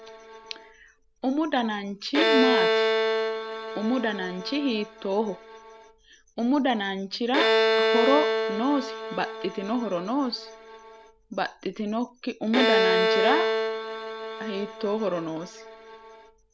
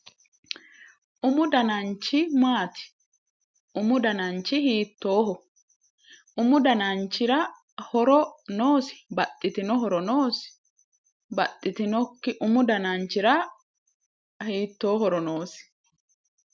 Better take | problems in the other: second | background sound (Bowed string instrument); 1 dB above the speech

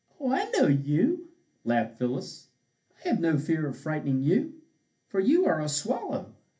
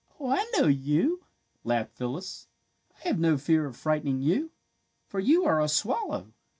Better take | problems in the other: second | room echo; dies away in 0.3 s

